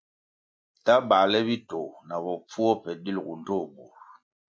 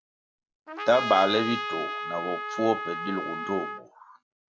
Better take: first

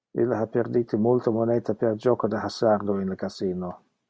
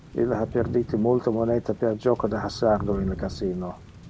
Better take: first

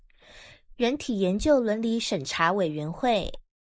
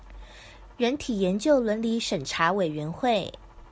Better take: second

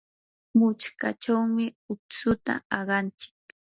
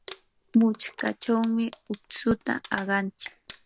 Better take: first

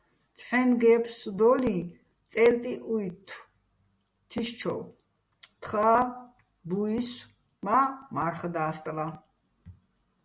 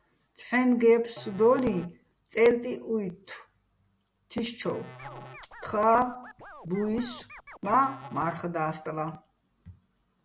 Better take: first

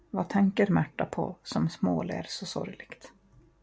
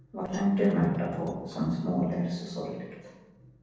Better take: first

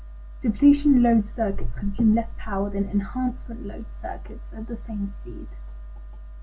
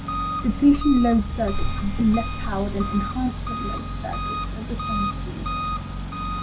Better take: first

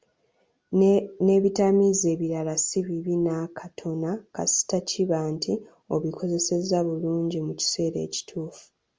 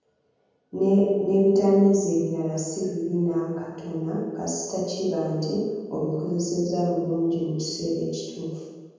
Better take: first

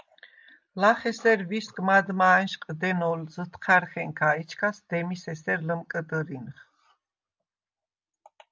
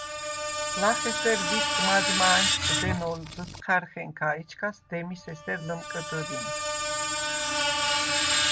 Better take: first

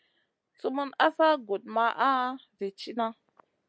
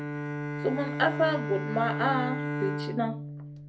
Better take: first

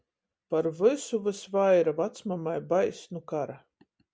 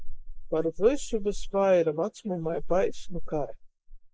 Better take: first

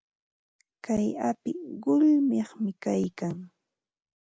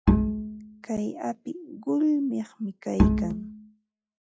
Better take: first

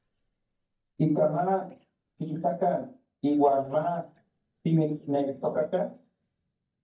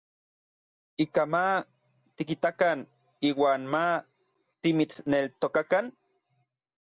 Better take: second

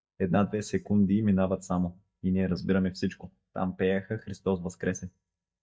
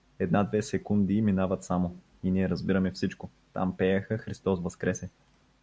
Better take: second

